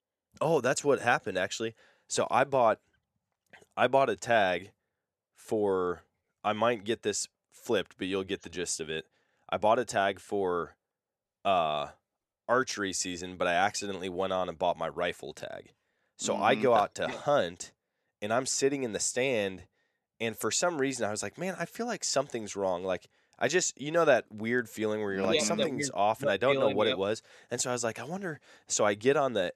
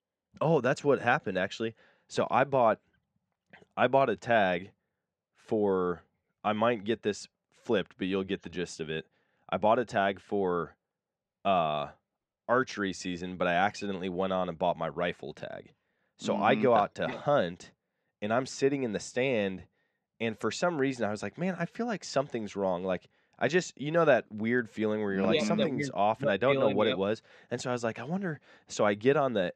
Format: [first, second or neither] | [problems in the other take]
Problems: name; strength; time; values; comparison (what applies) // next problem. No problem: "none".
first | muffled; slightly; fading above 3.5 kHz